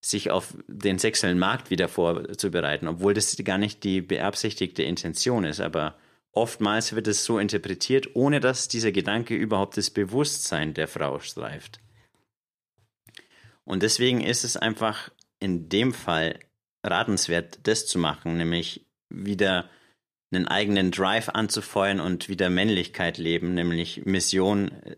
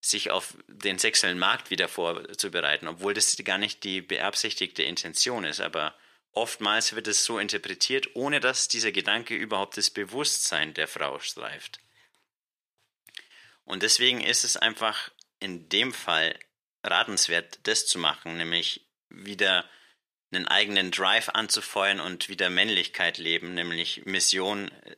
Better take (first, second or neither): first